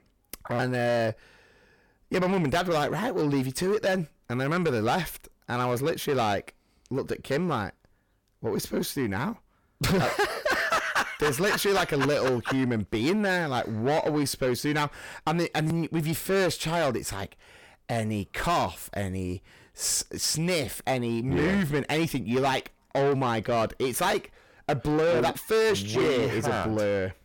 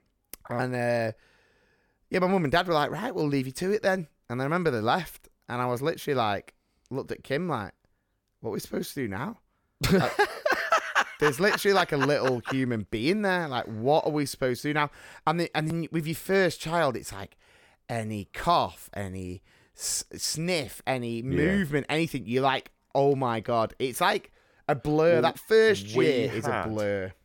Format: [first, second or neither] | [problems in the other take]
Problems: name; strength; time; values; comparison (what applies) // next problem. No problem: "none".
second | distortion; heavy; 8 dB below the speech